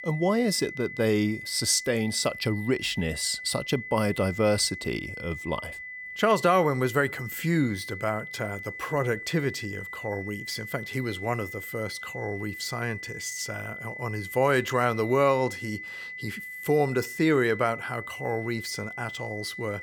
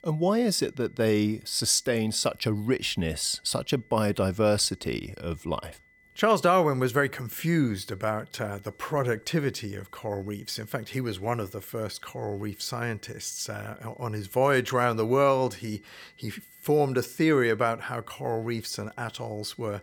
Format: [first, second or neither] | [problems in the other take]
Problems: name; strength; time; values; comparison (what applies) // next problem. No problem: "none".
second | high-pitched whine; loud; throughout; 2 kHz, 10 dB below the speech; faint in the second